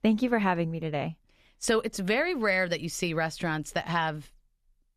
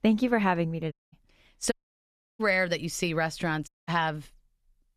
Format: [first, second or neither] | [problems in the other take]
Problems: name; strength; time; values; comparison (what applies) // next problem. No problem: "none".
first | audio cutting out; at 1 s, at 1.5 s for 0.5 s and at 3.5 s